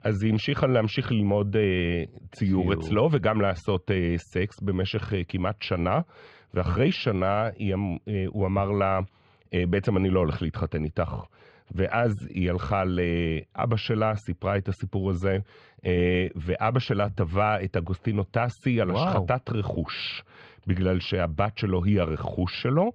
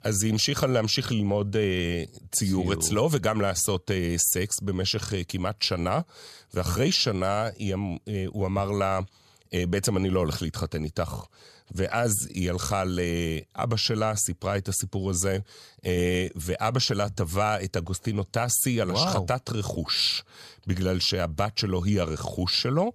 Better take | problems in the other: second | muffled; very; fading above 2.5 kHz

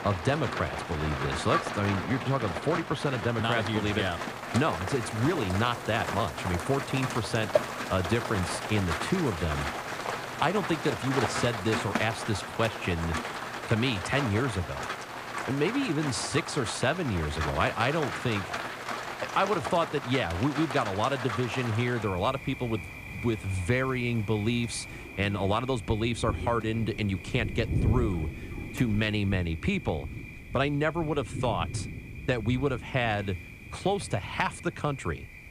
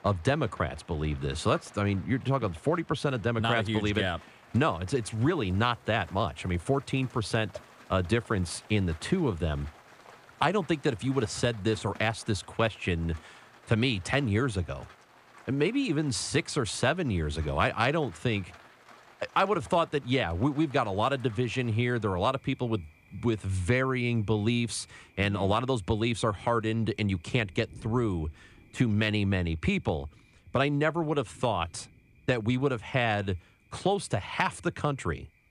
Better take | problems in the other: second | rain or running water; loud; throughout; 6 dB below the speech; faint in the second

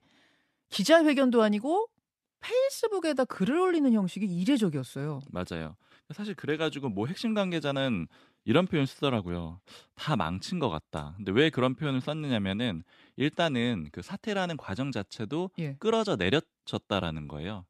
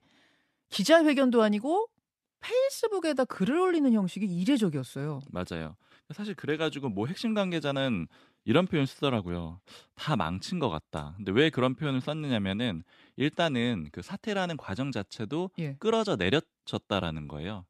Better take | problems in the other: neither | none

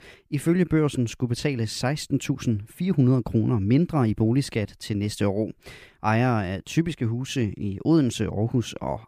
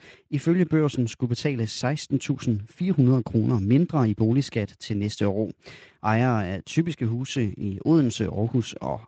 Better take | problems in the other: first | garbled, watery; slightly; nothing above 7.5 kHz

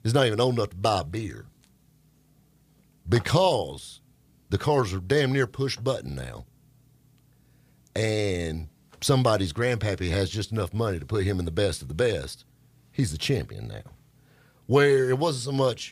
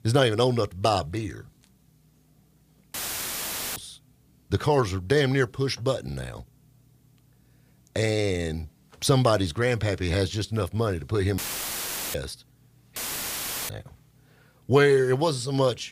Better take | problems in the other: first | audio cutting out; filled with static; at 3 s for 1 s, at 11 s for 1 s and at 13 s for 0.5 s

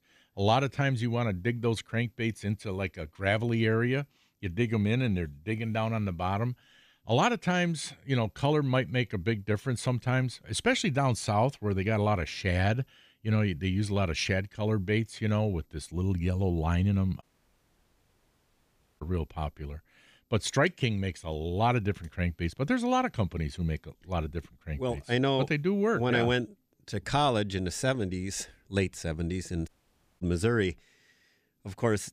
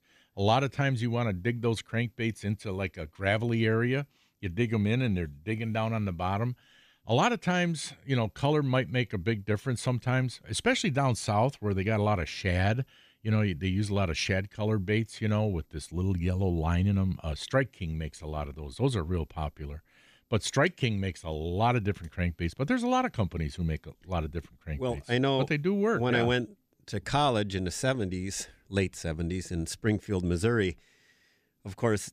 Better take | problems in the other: second | audio cutting out; at 17 s for 2 s and at 30 s for 0.5 s

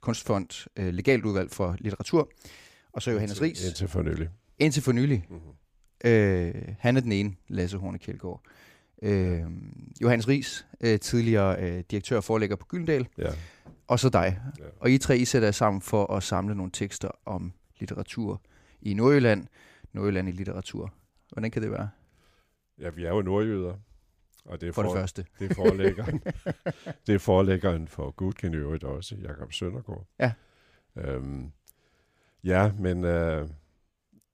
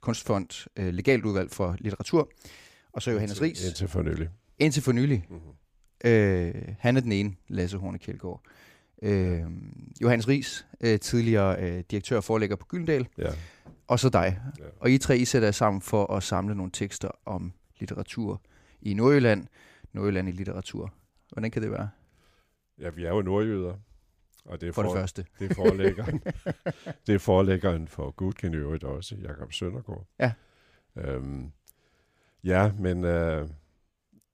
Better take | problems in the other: neither | none

